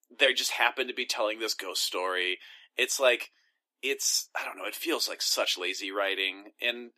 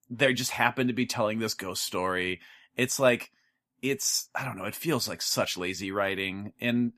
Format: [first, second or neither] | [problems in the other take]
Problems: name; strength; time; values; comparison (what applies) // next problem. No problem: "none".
second | thin; very; fading below 300 Hz